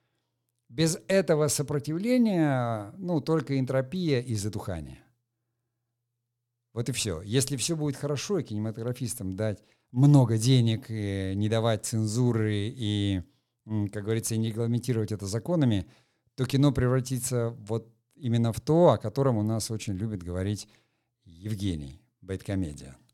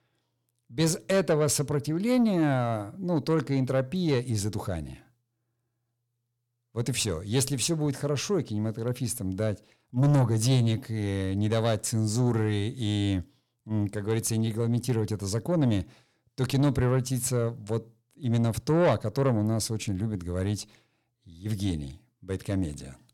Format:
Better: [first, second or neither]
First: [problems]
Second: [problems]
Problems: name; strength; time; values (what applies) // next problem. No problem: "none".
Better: first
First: none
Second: distortion; slight; 10 dB below the speech